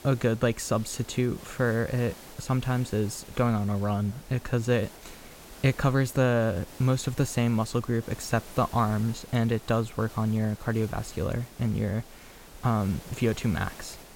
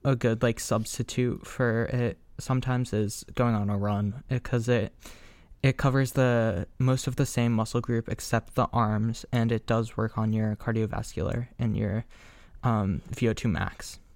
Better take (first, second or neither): second